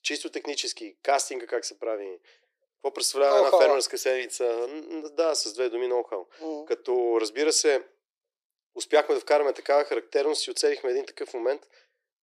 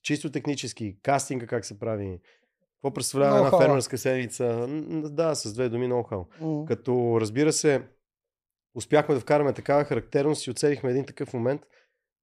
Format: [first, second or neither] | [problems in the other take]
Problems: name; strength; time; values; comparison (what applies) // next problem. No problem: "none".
second | thin; very; fading below 350 Hz